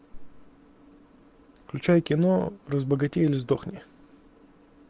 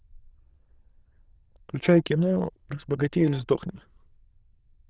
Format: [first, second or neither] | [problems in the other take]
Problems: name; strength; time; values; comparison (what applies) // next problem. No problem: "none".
first | noise reduction (neural diffusion model UNIVERSE++)